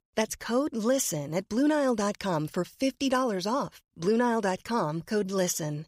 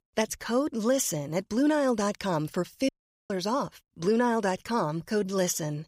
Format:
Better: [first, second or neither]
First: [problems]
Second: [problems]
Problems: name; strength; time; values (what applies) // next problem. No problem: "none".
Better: first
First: none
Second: audio cutting out; at 3 s